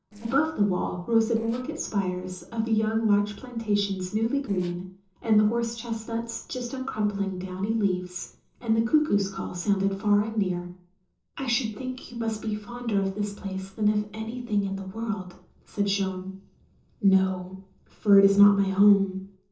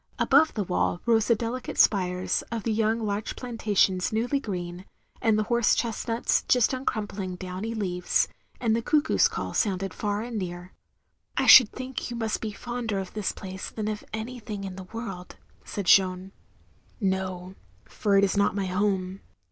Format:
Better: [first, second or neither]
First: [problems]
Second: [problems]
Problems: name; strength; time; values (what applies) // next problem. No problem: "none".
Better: second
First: noise reduction (neural separator model SepFormer DNS4)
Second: none